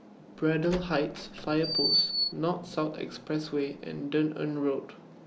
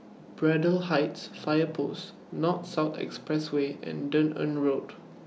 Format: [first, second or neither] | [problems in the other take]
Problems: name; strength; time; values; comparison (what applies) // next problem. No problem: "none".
second | background sound (Door); 3 dB below the speech